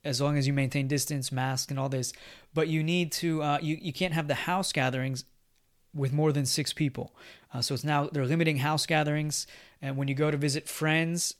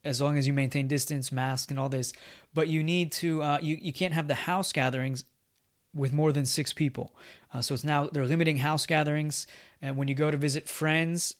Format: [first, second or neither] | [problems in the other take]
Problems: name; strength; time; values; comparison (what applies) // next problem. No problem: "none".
first | garbled, watery; slightly